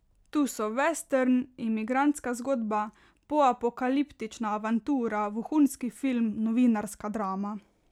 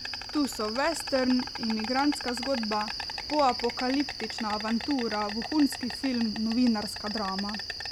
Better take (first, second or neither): first